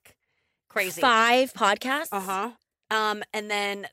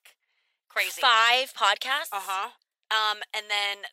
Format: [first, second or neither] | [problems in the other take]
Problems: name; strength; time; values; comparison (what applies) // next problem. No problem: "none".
first | thin; very; fading below 850 Hz